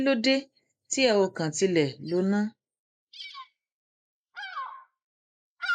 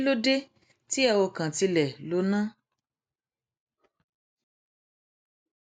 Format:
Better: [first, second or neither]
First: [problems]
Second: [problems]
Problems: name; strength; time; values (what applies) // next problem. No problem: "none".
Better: second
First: noise reduction (neural mask model Resemble Enhance denoiser)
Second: none